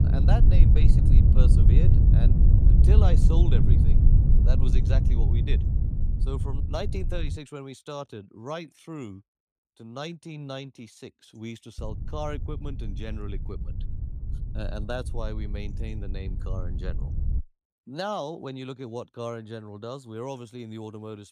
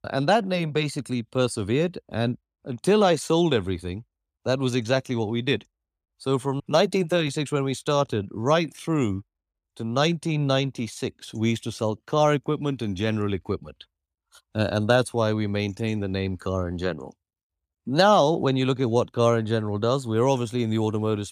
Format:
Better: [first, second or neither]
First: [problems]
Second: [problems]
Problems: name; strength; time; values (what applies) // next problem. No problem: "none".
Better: second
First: low rumble; loud; until 7.5 s and from 12 to 17 s; as loud as the speech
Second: none